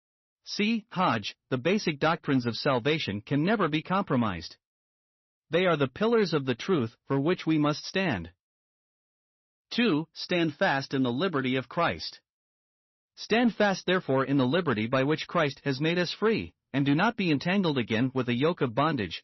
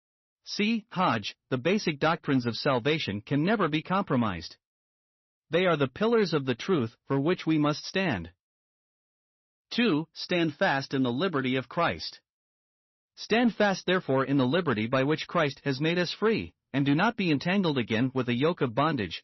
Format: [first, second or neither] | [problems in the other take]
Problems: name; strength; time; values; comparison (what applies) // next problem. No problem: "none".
neither | garbled, watery; slightly; nothing above 6 kHz; the same in both